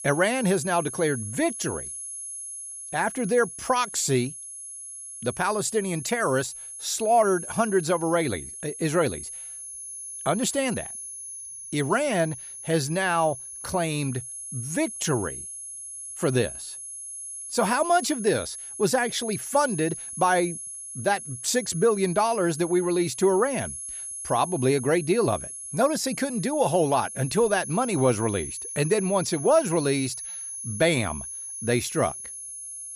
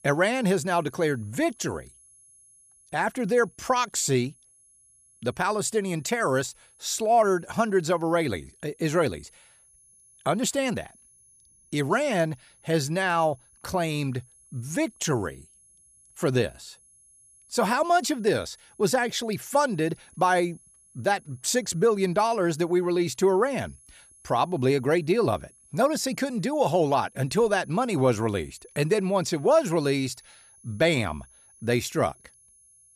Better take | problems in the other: second | high-pitched whine; loud; throughout; 10.5 kHz, 9 dB below the speech; faint in the second

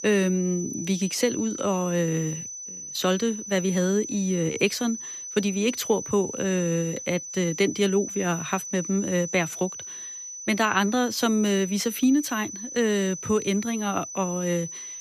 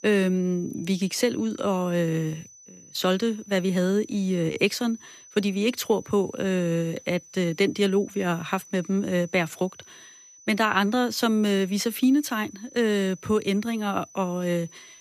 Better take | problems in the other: second | high-pitched whine; loud; throughout; 6 kHz, 8 dB below the speech; faint in the second

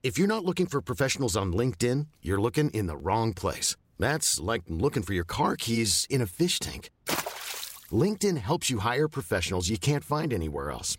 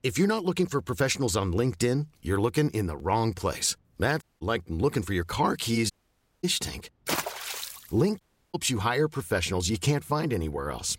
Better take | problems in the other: first | audio cutting out; at 4 s, at 6 s for 0.5 s and at 8 s

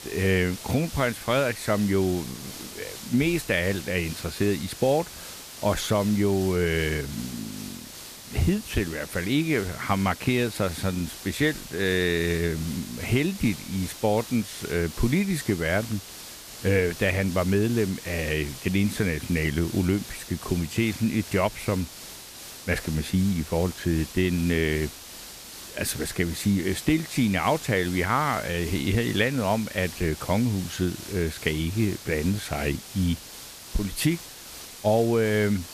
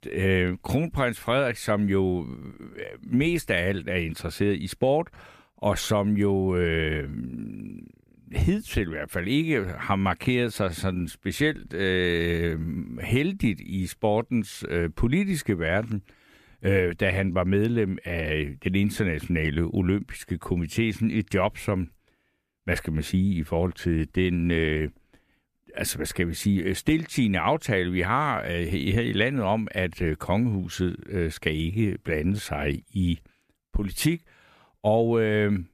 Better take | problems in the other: second | hiss; noticeable; throughout; 15 dB below the speech

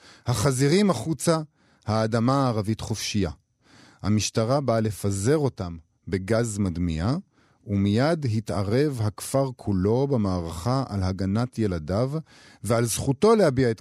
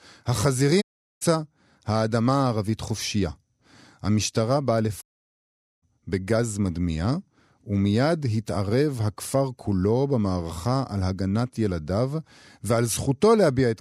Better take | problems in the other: first | audio cutting out; at 1 s and at 5 s for 1 s

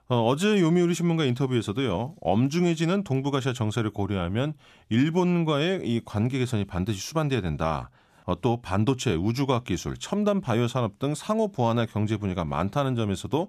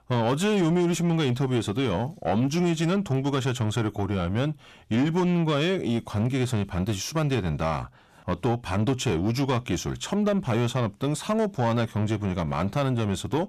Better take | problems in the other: first | distortion; slight; 10 dB below the speech

